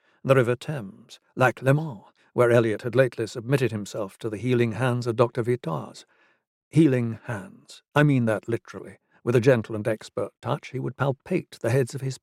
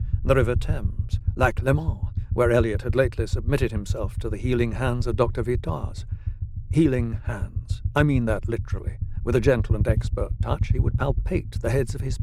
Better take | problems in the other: first | low rumble; noticeable; throughout; 15 dB below the speech

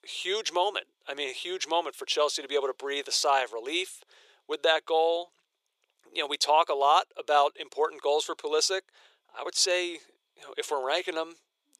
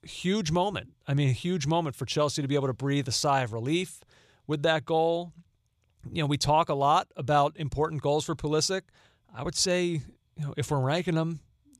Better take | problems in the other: second | thin; very; fading below 400 Hz

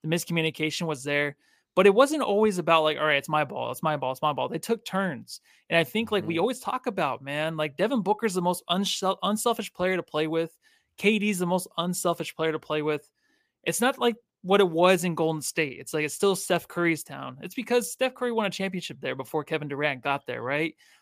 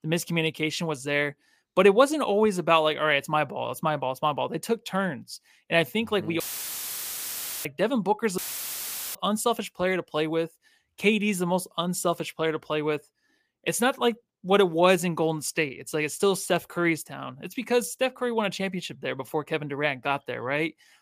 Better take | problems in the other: first | audio cutting out; filled with static; at 6.5 s for 1.5 s and at 8.5 s for 1 s

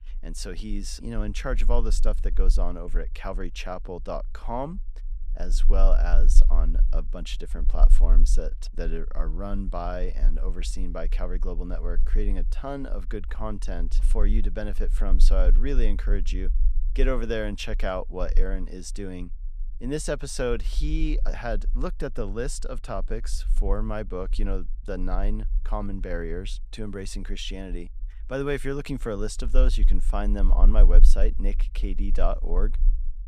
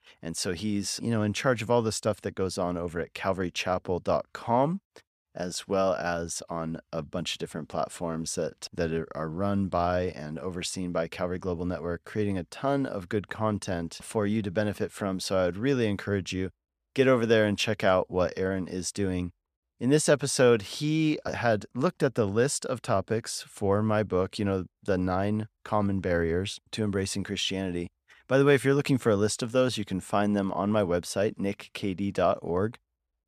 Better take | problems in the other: second | low rumble; noticeable; throughout; 20 dB below the speech

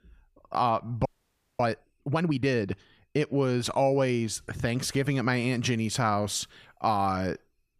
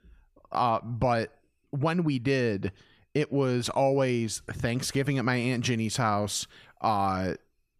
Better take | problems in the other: second | audio freezing; at 1 s for 0.5 s

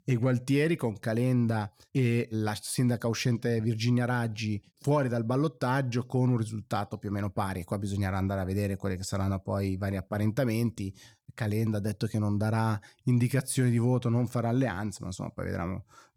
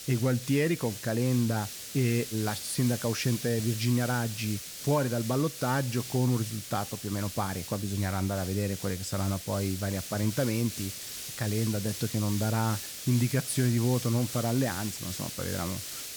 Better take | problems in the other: first | hiss; loud; throughout; 7 dB below the speech

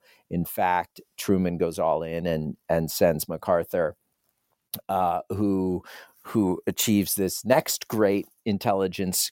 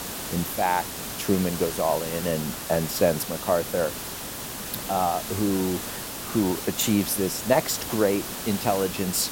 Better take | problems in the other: first | hiss; loud; throughout; 6 dB below the speech

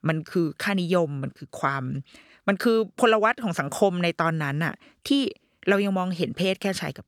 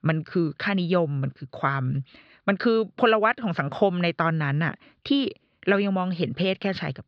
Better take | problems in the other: first | muffled; very slightly; fading above 4.5 kHz

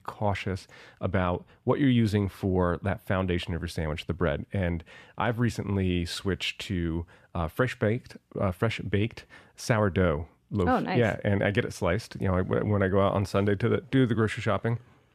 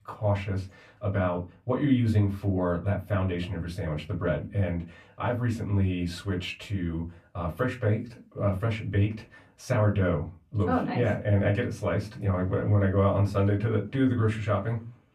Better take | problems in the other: first | off-mic speech; far // room echo; very slight; dies away in 0.3 s

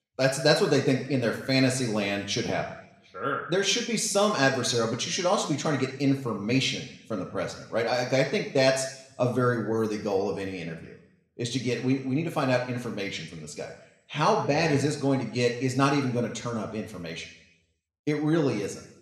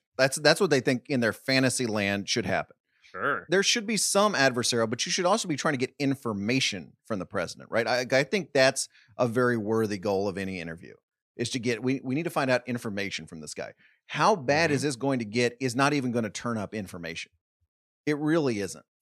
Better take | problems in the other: second | room echo; noticeable; dies away in 0.7 s // off-mic speech; somewhat distant

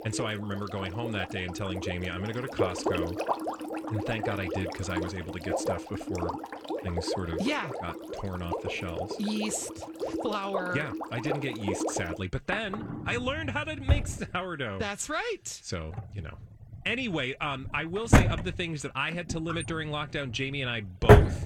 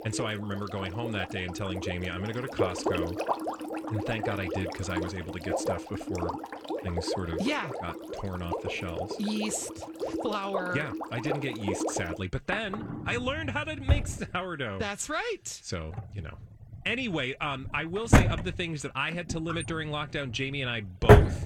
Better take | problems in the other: neither | household noises; very loud; throughout; 2 dB above the speech; the same in both

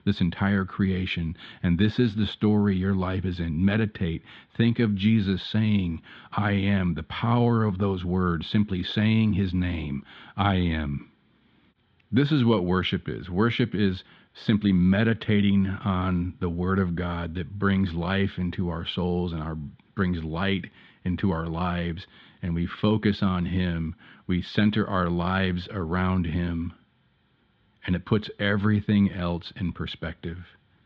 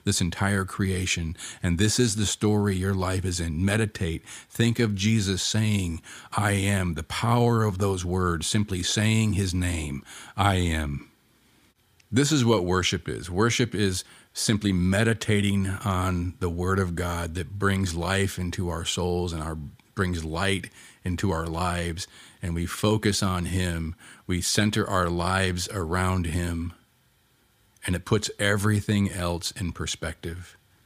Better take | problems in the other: second | muffled; very; fading above 3.5 kHz

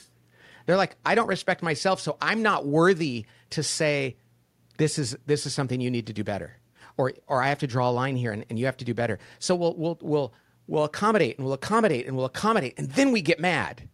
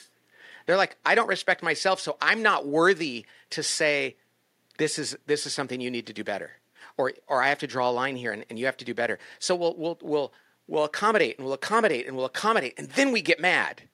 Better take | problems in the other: first | thin; somewhat; fading below 300 Hz

